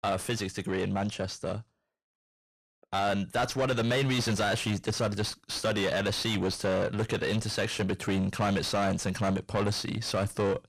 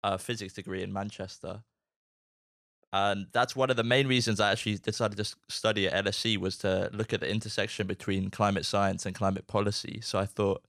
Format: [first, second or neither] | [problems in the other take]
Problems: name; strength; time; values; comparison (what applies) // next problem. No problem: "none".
second | distortion; heavy; 6 dB below the speech